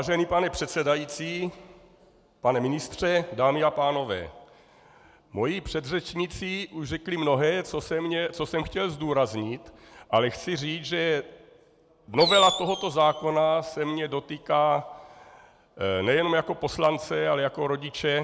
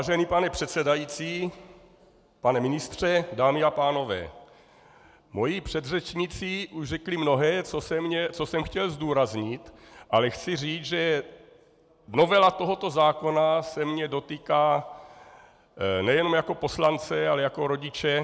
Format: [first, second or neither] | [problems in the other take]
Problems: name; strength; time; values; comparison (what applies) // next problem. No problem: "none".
second | background sound (Fireworks); 4 dB below the speech